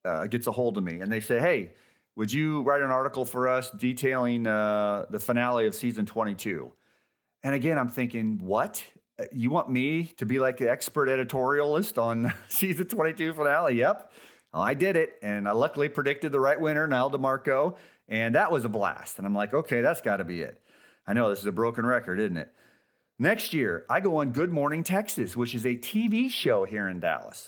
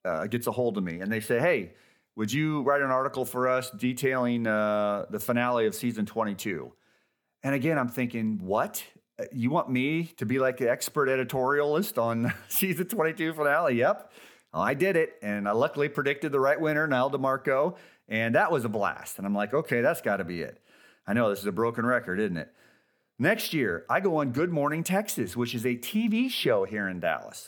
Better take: second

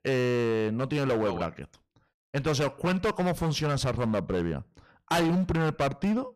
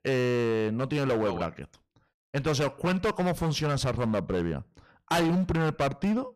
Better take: neither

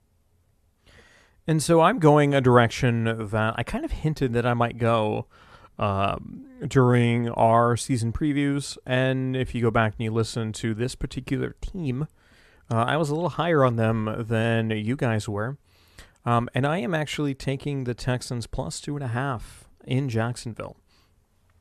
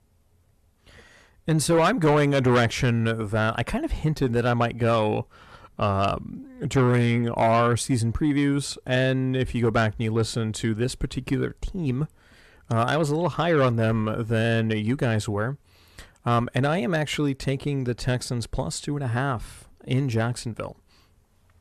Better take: first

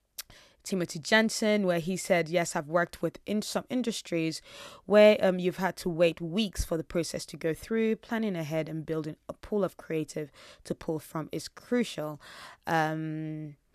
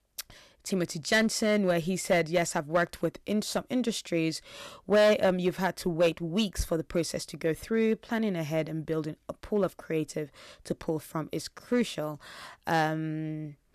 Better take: first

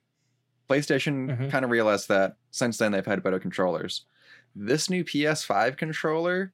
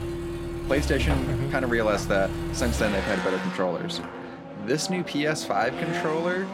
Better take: first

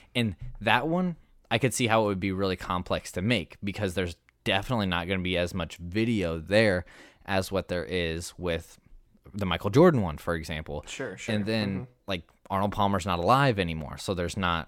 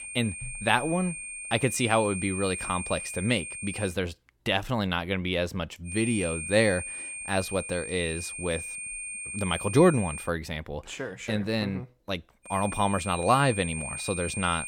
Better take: first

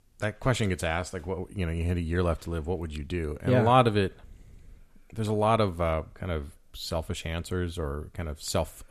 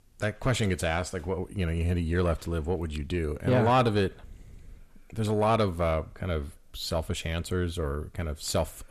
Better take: first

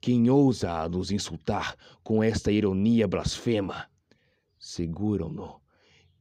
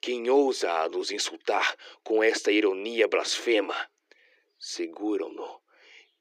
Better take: first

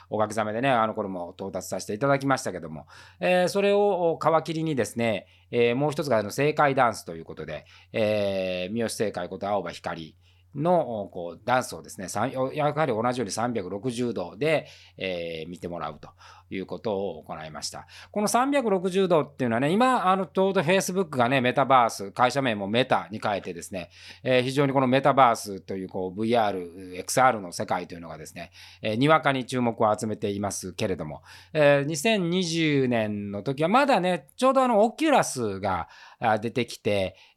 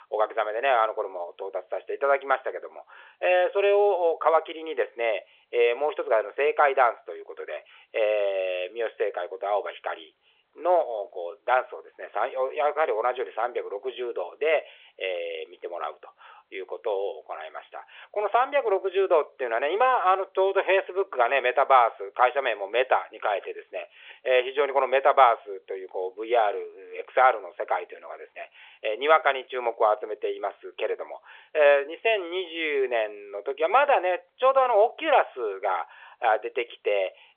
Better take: first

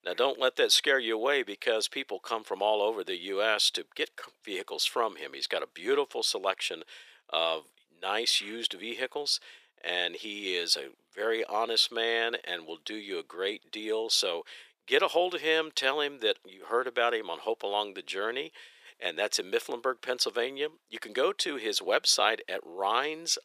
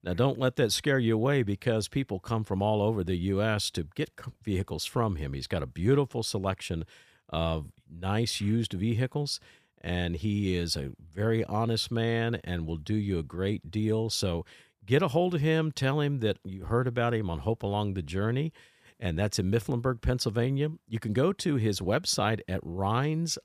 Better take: second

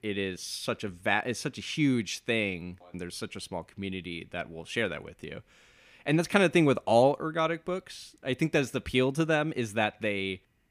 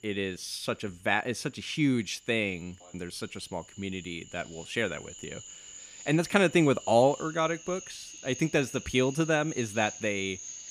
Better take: first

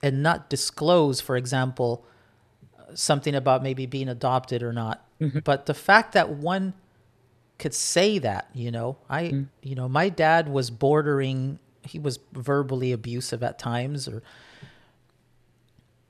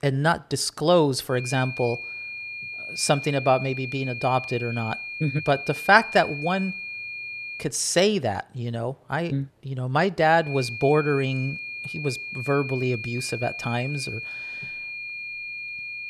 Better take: first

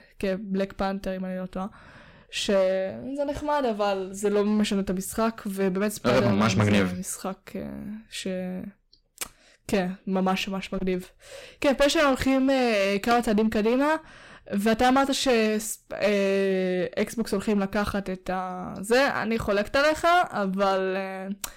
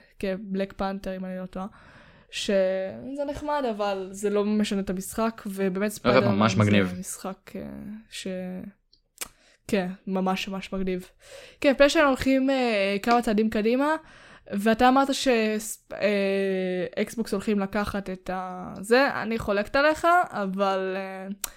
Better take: second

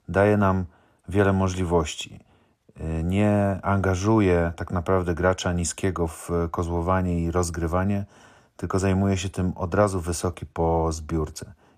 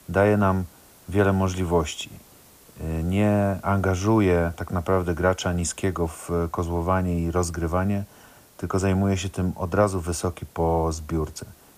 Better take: first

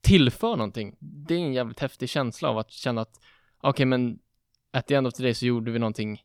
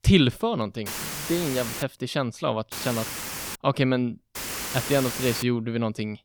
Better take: first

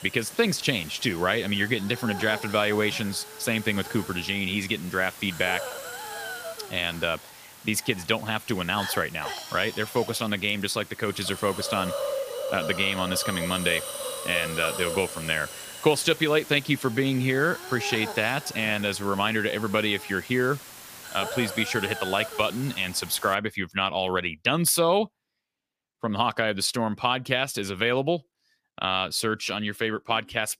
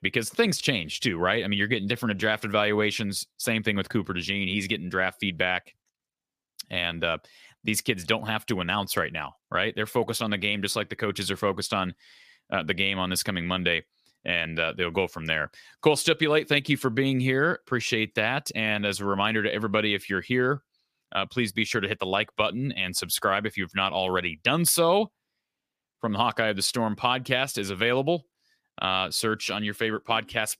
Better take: second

